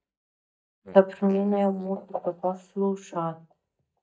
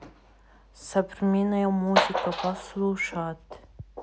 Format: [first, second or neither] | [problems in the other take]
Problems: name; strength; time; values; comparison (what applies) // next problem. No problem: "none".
second | noise reduction (neural mask model DeepFilterNet 3)